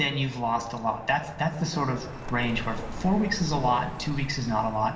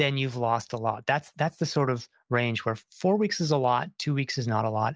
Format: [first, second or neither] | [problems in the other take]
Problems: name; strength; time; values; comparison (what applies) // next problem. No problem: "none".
second | background sound (Car passing by); 10 dB below the speech // room echo; dies away in 0.9 s